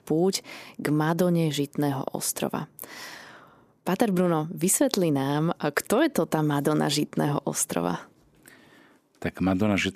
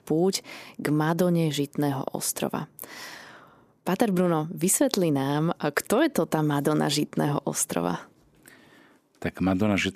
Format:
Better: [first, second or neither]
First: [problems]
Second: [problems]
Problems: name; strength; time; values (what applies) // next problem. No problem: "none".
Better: neither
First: none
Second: none